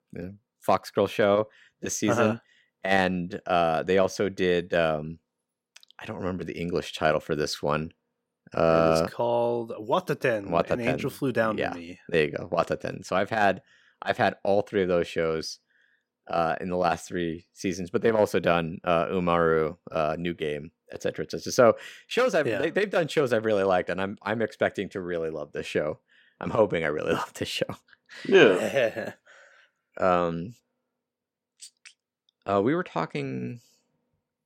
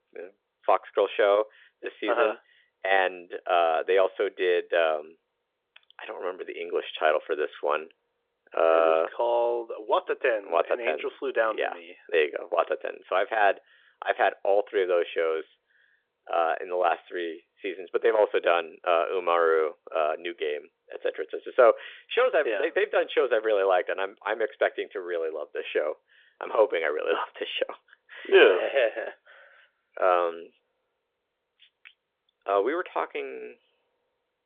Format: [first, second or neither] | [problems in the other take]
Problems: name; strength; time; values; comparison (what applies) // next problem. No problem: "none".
first | phone-call audio; nothing above 3.5 kHz